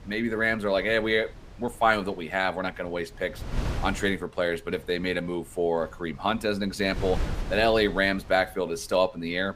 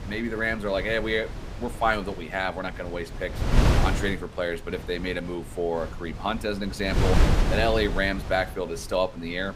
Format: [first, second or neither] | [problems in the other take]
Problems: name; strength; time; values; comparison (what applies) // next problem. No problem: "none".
first | wind noise on the microphone; heavy; 7 dB below the speech; occasional gusts in the first